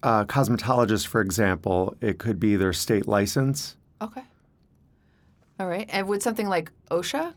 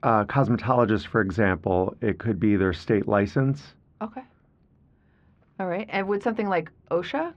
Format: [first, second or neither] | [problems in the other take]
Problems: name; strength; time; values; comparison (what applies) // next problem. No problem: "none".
first | muffled; very; fading above 3 kHz